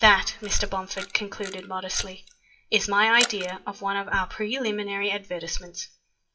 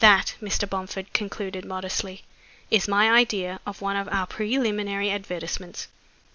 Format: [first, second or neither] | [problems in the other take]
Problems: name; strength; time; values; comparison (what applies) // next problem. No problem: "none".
second | noise reduction (classical method WPE with log-MMSE)